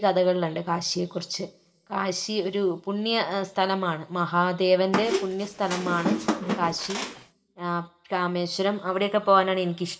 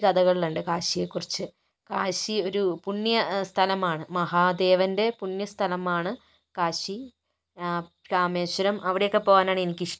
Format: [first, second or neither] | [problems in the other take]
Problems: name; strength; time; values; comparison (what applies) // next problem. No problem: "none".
second | background sound (Squeak); 3 dB below the speech // room echo; dies away in 0.5 s